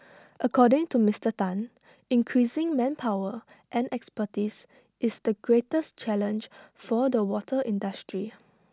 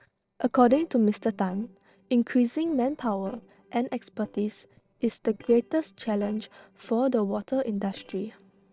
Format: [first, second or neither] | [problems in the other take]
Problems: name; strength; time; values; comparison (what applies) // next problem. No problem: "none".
first | noise reduction (neural separator model SepFormer DNS4)